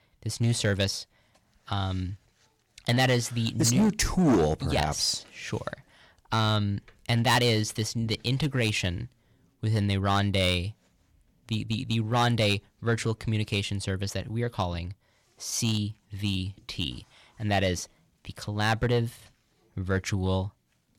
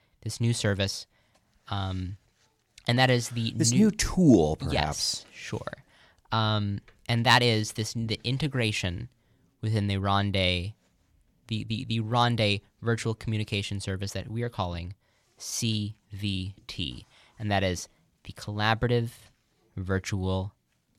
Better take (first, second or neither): second